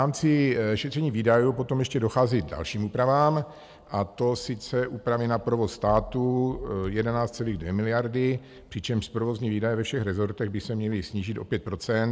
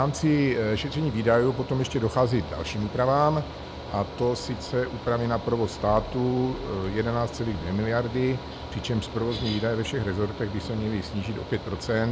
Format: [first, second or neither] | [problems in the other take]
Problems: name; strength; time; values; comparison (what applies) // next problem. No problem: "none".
first | background sound (Mechanical fan); 11 dB below the speech